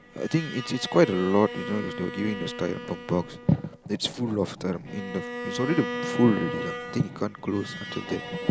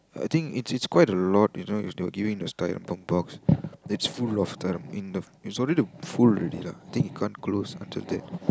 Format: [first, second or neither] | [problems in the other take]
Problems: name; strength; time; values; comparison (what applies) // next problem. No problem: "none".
second | background sound (Bowed string instrument); 9 dB below the speech